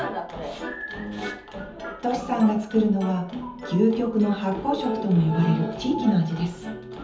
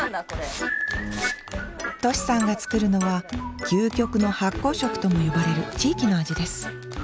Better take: second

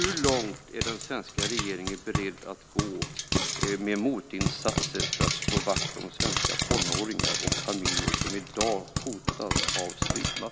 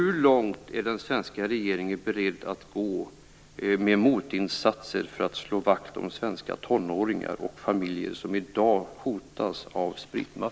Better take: second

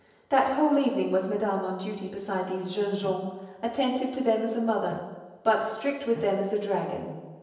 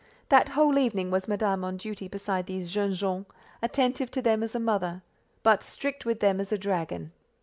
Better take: second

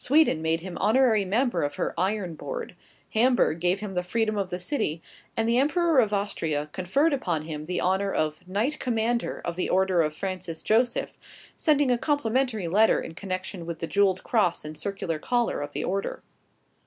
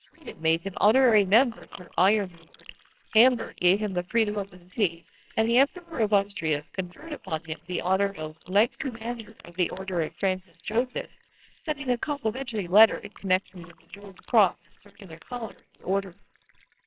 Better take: first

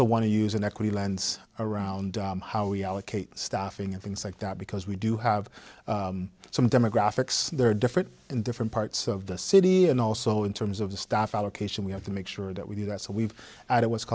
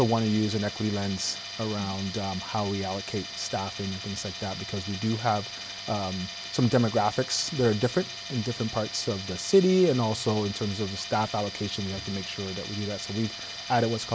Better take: first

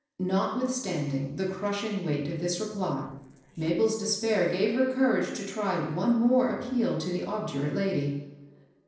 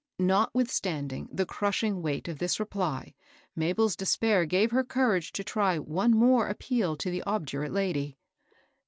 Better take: second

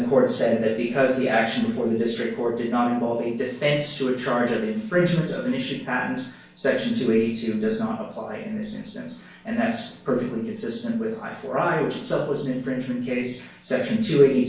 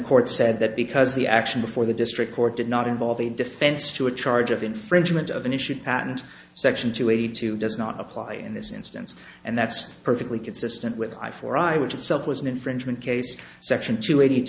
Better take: second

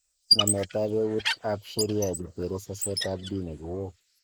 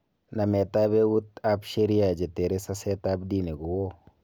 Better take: second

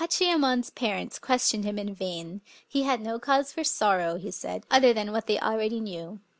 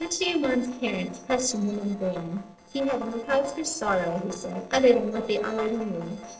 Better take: first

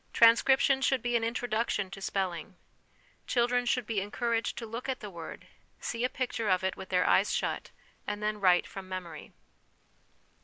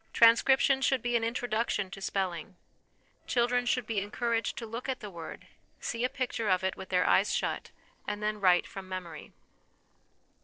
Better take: first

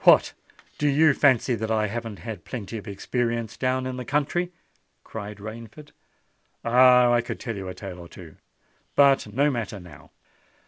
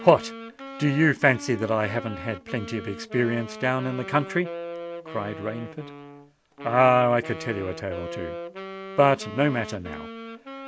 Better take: first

